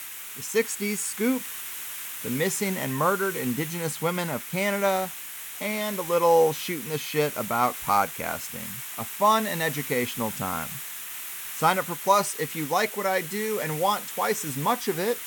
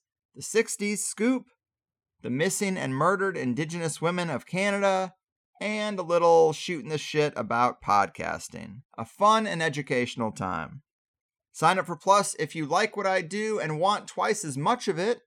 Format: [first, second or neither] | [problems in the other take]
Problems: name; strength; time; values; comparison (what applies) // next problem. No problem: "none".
second | hiss; loud; throughout; 7 dB below the speech